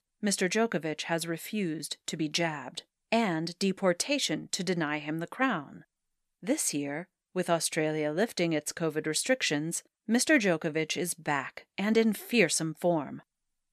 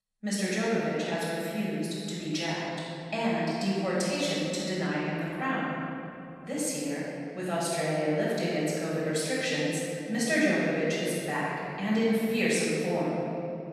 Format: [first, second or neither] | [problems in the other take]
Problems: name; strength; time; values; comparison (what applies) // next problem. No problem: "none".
first | off-mic speech; far // room echo; strong; dies away in 3 s